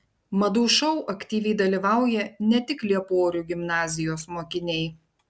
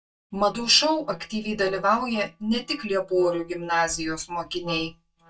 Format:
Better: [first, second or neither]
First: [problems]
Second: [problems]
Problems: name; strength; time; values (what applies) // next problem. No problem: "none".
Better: first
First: none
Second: noise reduction (neural mask model DeepFilterNet 3)